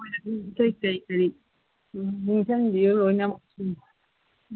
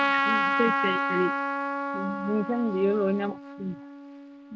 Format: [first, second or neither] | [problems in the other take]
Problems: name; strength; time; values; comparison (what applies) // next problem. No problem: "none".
first | background sound (Trumpet); 1 dB above the speech